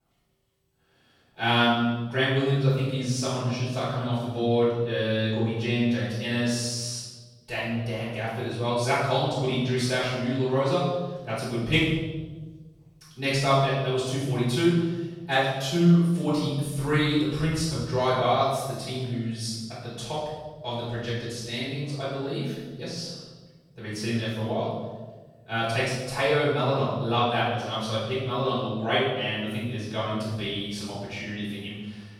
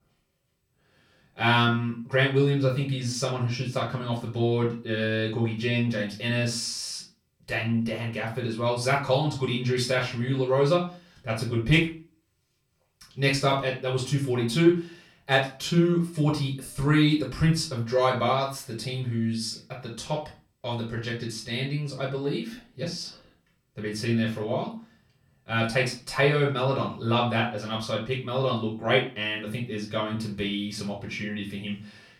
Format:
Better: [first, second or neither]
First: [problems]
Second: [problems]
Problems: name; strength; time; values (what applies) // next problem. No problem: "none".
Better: second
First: room echo; strong; dies away in 1.2 s // off-mic speech; far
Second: room echo; slight; dies away in 0.3 s // off-mic speech; far